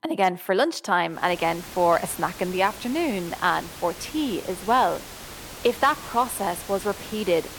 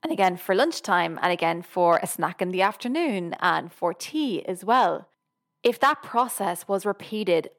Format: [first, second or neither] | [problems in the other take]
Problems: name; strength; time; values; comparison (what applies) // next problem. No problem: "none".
second | hiss; noticeable; from 1 s on; 15 dB below the speech